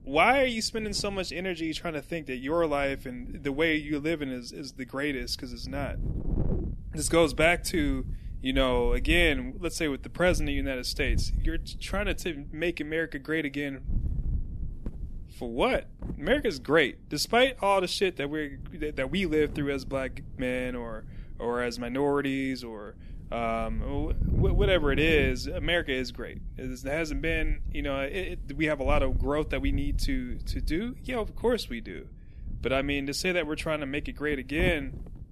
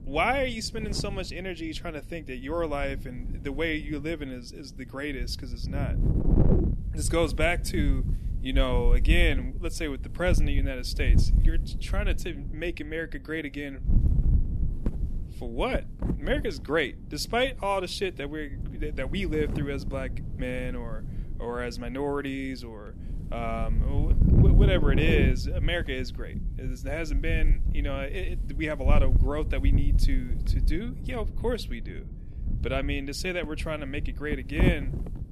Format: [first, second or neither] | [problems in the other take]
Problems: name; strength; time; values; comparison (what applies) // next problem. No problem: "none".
first | wind noise on the microphone; heavy; 10 dB below the speech; occasional gusts in the first